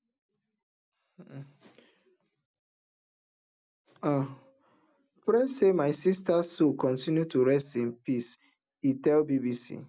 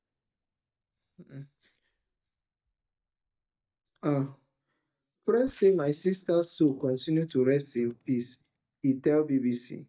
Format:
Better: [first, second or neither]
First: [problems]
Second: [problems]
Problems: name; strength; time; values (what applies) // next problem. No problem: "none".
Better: first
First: none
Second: noise reduction (neural mask model DeepFilterNet 3)